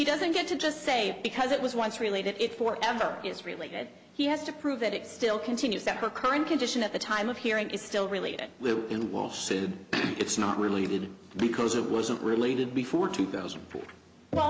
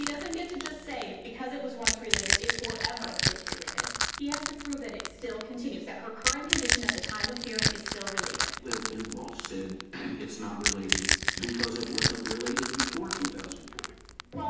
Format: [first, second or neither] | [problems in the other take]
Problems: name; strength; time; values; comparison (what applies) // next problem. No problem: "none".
first | background sound (Crack / Crushing); 4 dB above the speech // room echo; dies away in 0.9 s